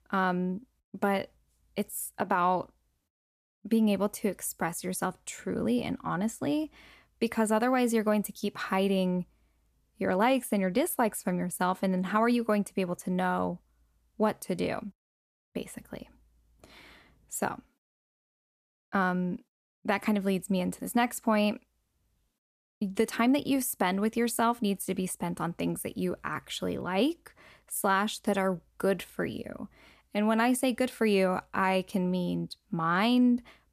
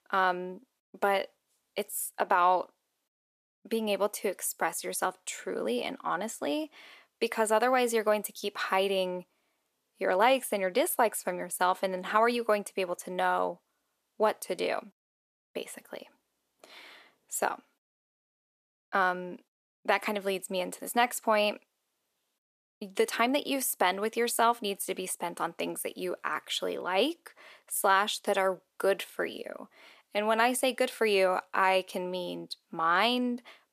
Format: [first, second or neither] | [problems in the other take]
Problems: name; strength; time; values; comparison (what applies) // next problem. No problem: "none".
first | thin; somewhat; fading below 500 Hz